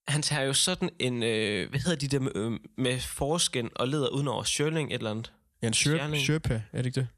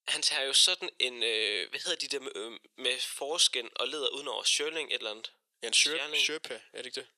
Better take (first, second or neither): first